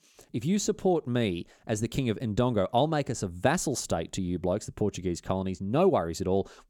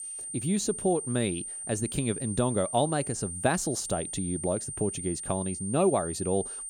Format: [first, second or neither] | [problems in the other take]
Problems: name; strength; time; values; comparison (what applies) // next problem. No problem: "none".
first | high-pitched whine; loud; throughout; 9 kHz, 5 dB below the speech